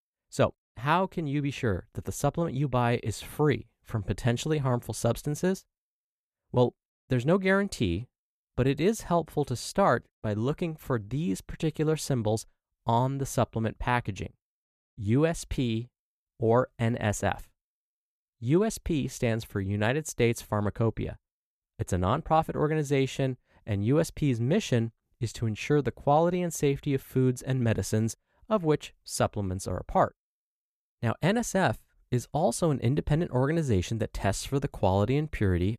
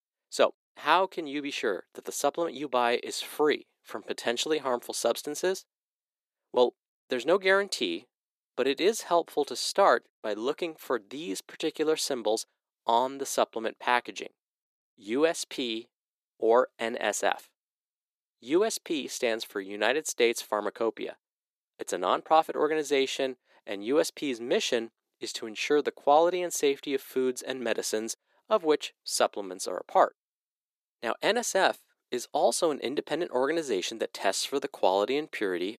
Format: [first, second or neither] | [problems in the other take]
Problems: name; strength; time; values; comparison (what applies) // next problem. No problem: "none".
first | thin; somewhat; fading below 300 Hz